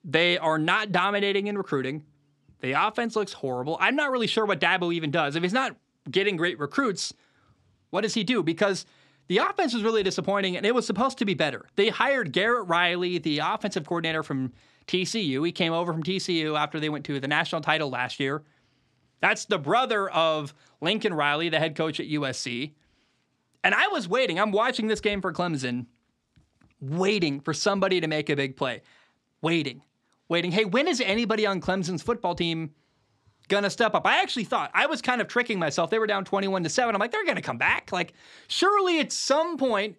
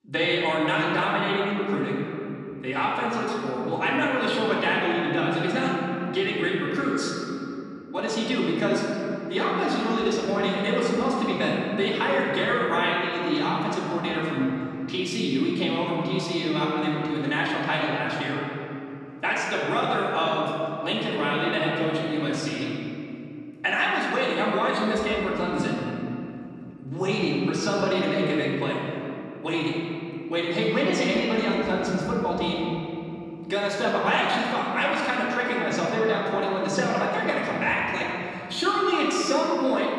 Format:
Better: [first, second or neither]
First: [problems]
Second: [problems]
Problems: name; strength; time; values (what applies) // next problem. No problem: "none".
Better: first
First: none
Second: room echo; strong; dies away in 2.8 s // off-mic speech; far